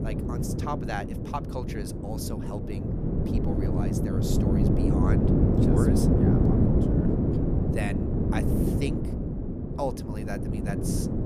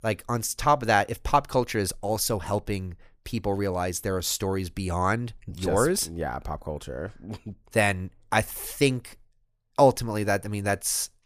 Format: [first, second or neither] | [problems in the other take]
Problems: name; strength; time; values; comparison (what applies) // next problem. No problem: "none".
second | wind noise on the microphone; heavy; 4 dB above the speech